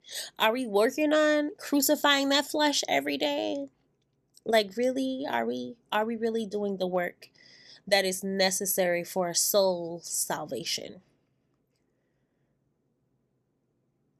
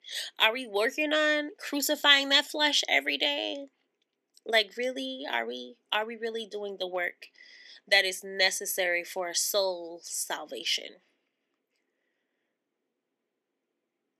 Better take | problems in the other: first | thin; very slightly; fading below 250 Hz

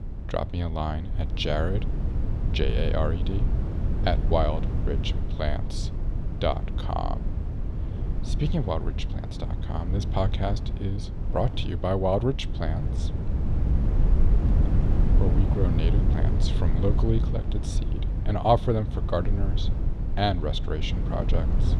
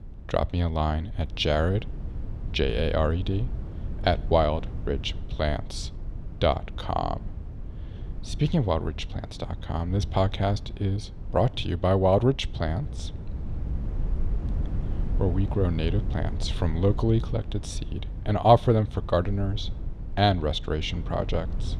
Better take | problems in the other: second | low rumble; loud; throughout; 10 dB below the speech; faint in the second

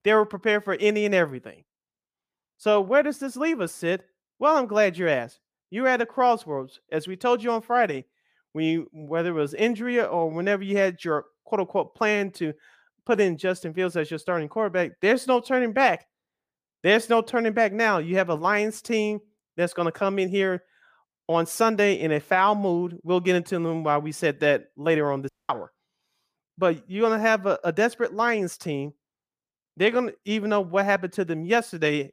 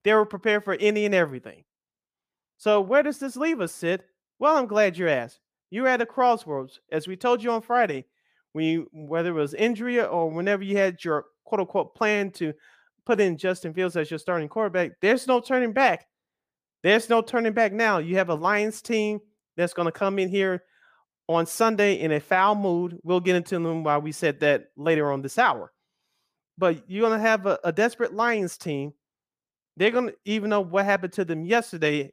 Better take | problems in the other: second | audio cutting out; at 25 s

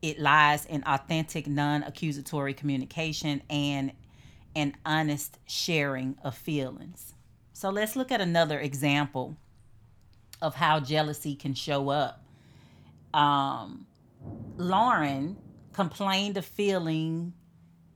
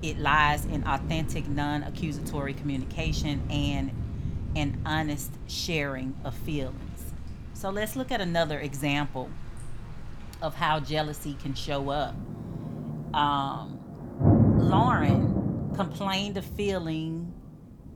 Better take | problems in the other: first | rain or running water; loud; throughout; 1 dB below the speech; faint in the first

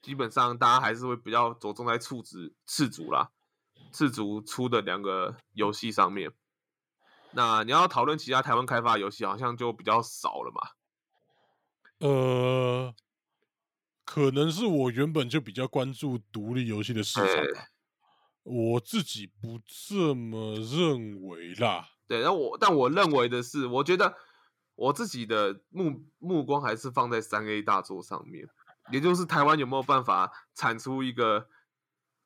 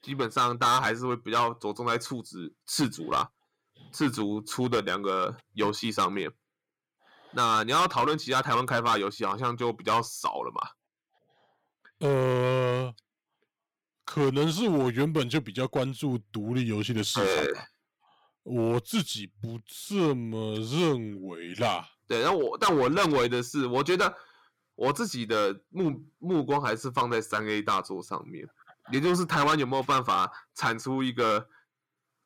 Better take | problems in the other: first | distortion; slight; 7% of the sound clipped

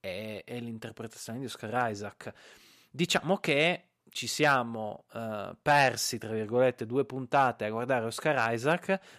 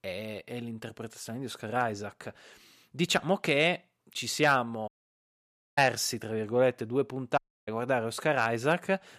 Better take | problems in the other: first | audio cutting out; at 5 s for 1 s and at 7.5 s

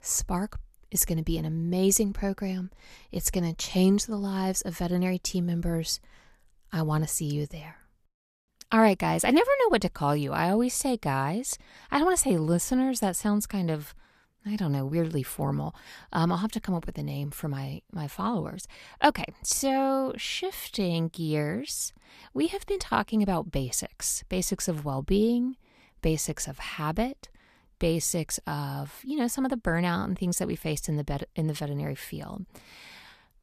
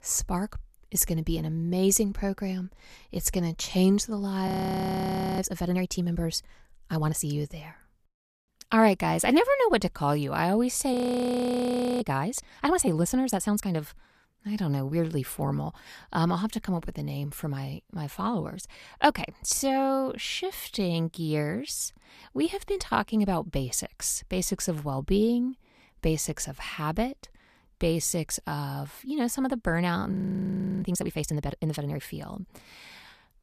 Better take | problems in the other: first | audio freezing; at 4.5 s for 1 s, at 11 s for 1 s and at 30 s for 0.5 s

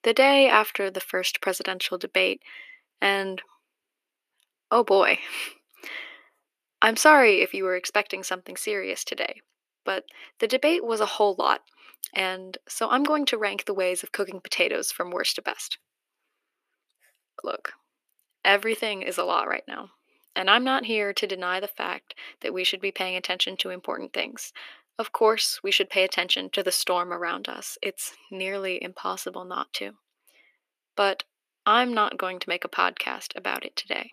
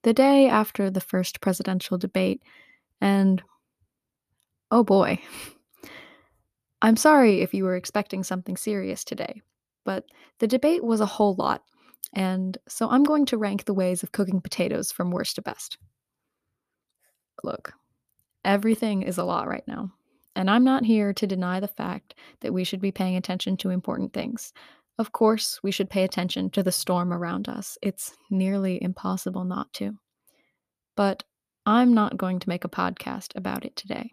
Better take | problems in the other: second | thin; somewhat; fading below 350 Hz

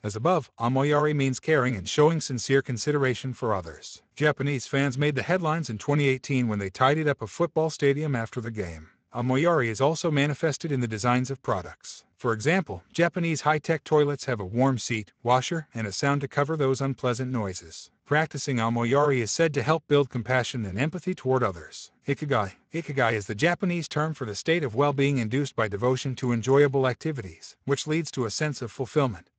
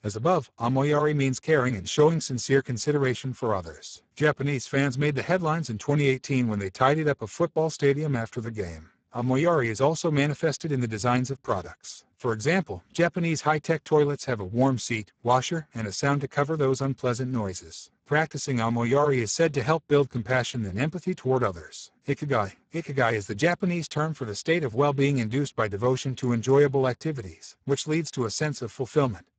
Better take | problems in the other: first | garbled, watery; badly; nothing above 7.5 kHz; slightly in the first

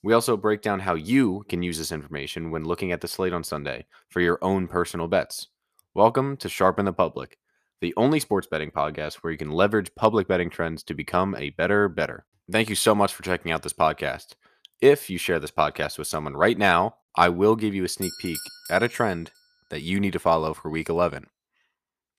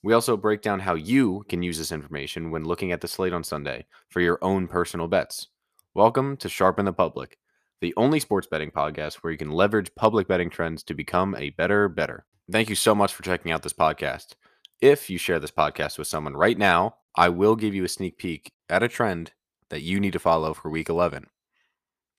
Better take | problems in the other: second | doorbell; noticeable; at 18 s; peak 8 dB below the speech

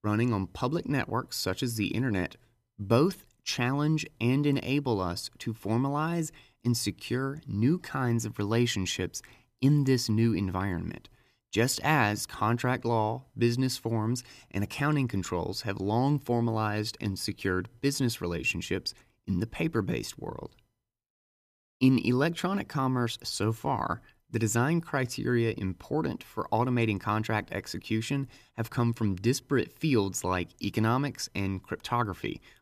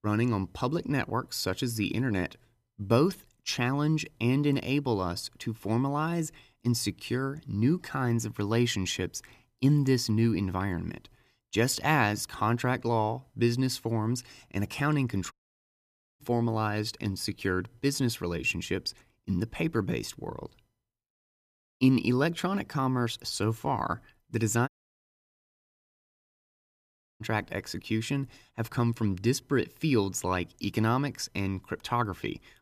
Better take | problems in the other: first | audio cutting out; at 15 s for 1 s and at 25 s for 2.5 s

